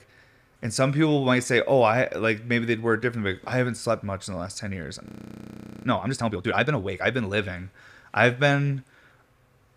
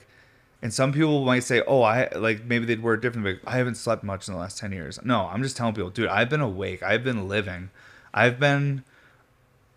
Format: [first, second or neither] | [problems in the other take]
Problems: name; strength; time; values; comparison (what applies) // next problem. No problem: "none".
second | audio freezing; at 5 s for 1 s